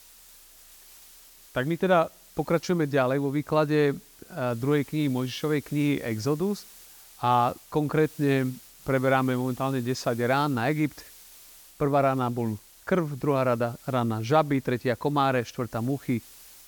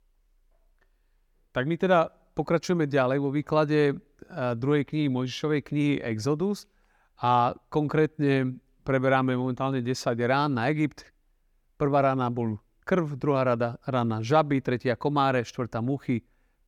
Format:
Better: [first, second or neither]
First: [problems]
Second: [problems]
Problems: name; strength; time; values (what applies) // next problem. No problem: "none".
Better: second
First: hiss; faint; throughout; 20 dB below the speech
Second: none